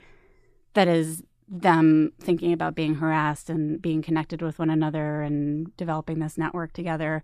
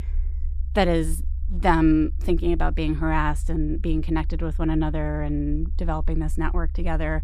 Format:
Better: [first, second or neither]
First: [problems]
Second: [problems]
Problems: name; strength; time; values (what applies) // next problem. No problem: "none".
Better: first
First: none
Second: low rumble; faint; throughout; 25 dB below the speech